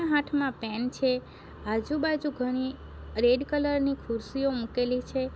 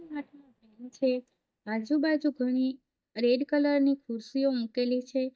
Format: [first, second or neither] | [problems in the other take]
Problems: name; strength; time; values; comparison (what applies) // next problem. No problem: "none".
first | noise reduction (neural mask model DeepFilterNet 3)